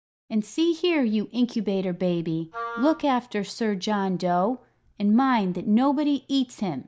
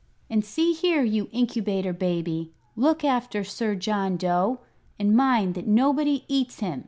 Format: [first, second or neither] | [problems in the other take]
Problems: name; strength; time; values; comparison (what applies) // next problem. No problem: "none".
second | noise reduction (neural mask model DeepFilterNet 3)